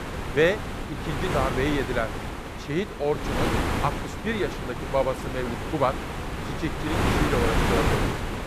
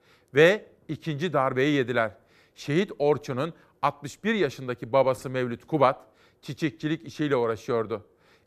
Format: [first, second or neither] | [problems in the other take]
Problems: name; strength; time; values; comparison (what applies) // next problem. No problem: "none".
second | wind noise on the microphone; heavy; 1 dB below the speech